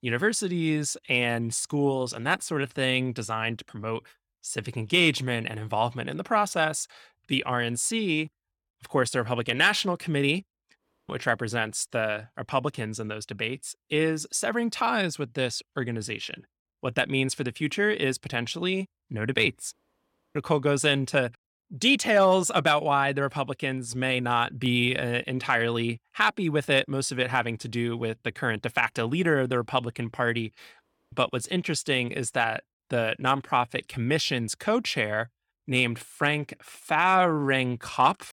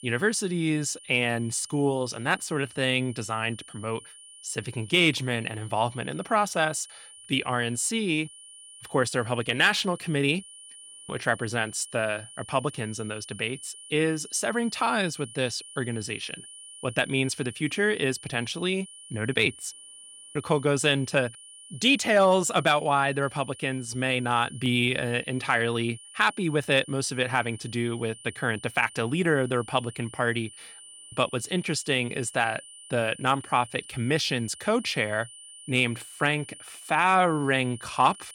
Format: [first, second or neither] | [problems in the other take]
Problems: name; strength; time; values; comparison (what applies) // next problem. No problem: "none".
first | high-pitched whine; noticeable; throughout; 9 kHz, 20 dB below the speech